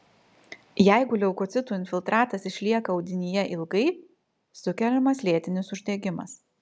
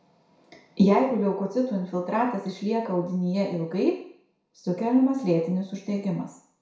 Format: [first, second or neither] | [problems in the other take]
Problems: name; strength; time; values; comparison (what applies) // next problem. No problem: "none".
first | room echo; dies away in 0.6 s